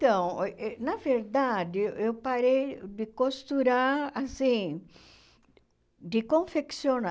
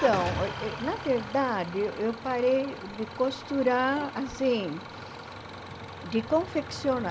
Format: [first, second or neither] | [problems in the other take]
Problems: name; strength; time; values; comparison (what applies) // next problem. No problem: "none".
first | background sound (Idling / Engine starting); 10 dB below the speech